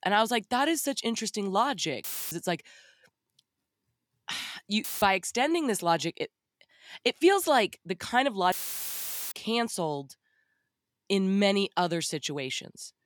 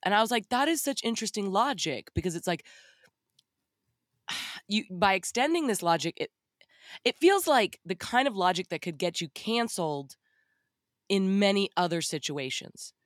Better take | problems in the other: second | audio cutting out; filled with static; at 2 s, at 5 s and at 8.5 s for 1 s

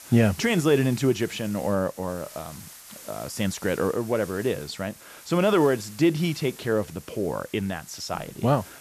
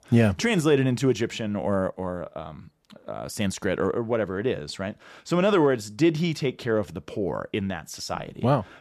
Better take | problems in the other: second | hiss; noticeable; throughout; 20 dB below the speech

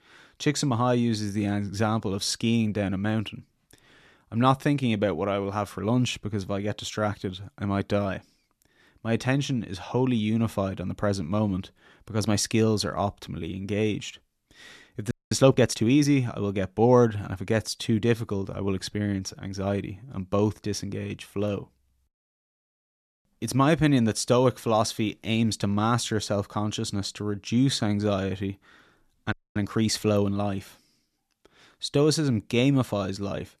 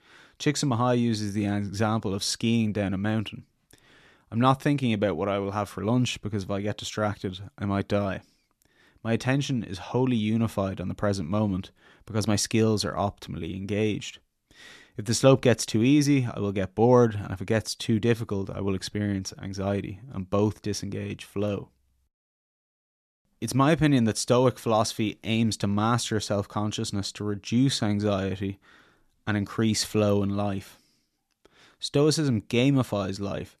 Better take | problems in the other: second | audio freezing; at 15 s and at 29 s

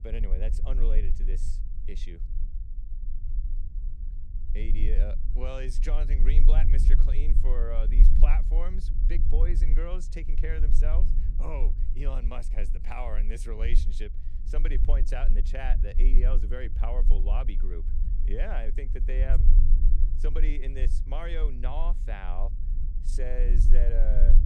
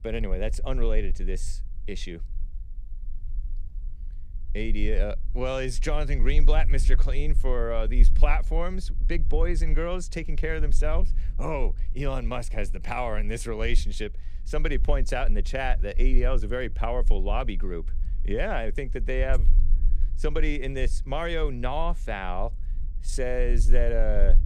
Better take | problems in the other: second | low rumble; loud; throughout; 10 dB below the speech; faint in the second

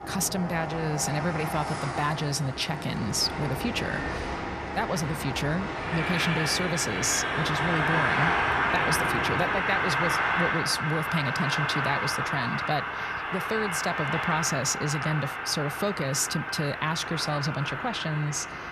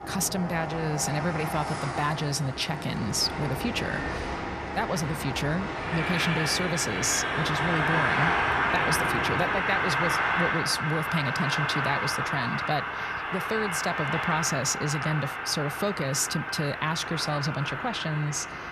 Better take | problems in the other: neither | train or aircraft noise; very loud; throughout; as loud as the speech; the same in both

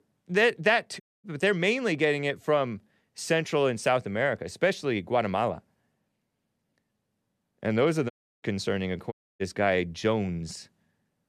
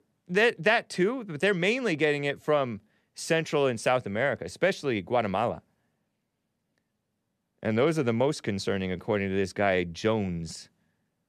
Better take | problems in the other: second | audio cutting out; at 1 s, at 8 s and at 9 s

